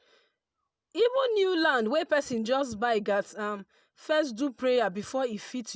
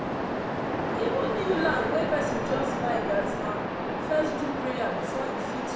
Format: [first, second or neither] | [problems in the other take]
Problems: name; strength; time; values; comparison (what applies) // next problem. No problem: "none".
first | background sound (Waves, surf); 1 dB above the speech // room echo; dies away in 0.8 s